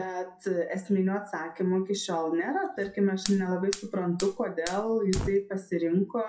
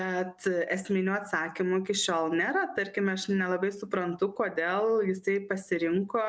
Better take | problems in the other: second | noise reduction (classical method WPE with log-MMSE)

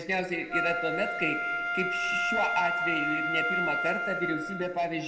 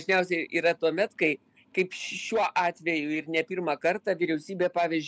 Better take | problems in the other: second | background sound (Wind instrument, woodwind instrument); 1 dB above the speech // room echo; dies away in 1.5 s

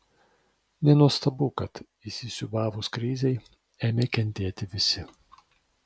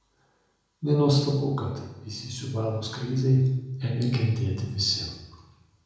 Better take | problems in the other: first | room echo; dies away in 0.9 s

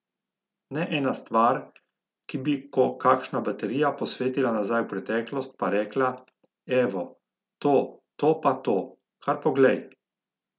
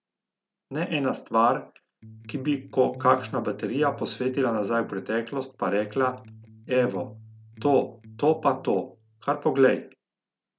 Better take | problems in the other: first | background sound (Electric guitar); 18 dB below the speech

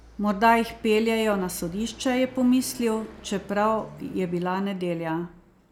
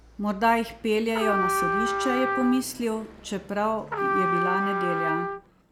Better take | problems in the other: first | background sound (Trumpet); 1 dB below the speech

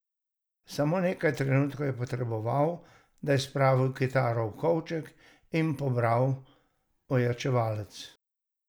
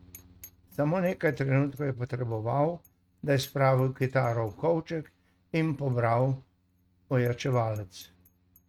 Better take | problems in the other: first | noise reduction (neural mask model RNNoise)

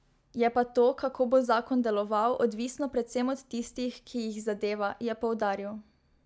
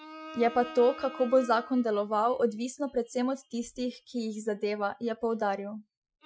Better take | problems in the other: first | noise reduction (classical method Wiener filter)

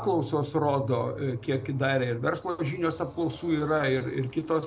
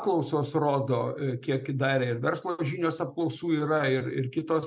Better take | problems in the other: second | background sound (Motorcycle); 16 dB below the speech

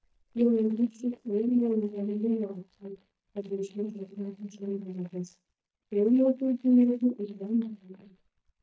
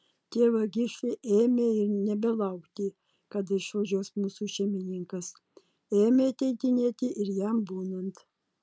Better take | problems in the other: second | noise reduction (neural mask model DeepFilterNet 3)

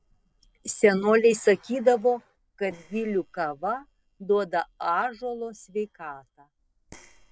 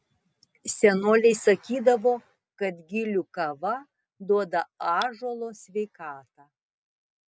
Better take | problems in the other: second | noise reduction (neural separator model SepFormer DNS4)

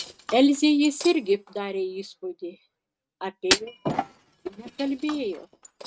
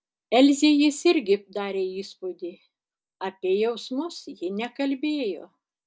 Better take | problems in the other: second | noise reduction (neural mask model RNNoise)

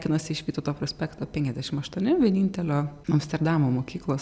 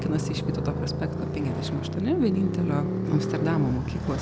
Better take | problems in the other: first | background sound (Motorcycle); 1 dB below the speech

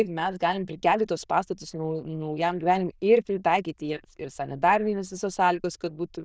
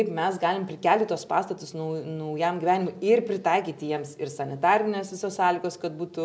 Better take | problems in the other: second | noise reduction (neural diffusion model UNIVERSE++)

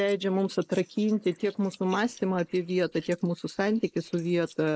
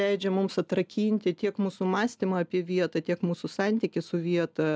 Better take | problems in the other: second | noise reduction (neural mask model Resemble Enhance denoiser)

